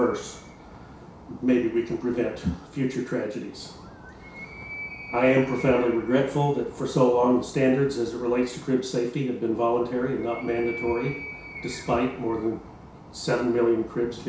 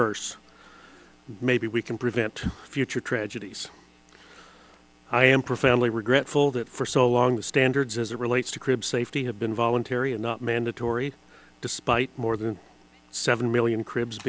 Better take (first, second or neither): second